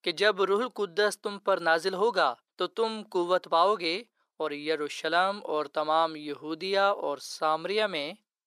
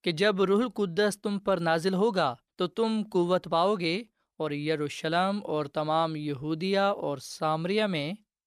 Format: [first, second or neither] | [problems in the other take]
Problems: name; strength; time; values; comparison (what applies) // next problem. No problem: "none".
second | thin; somewhat; fading below 450 Hz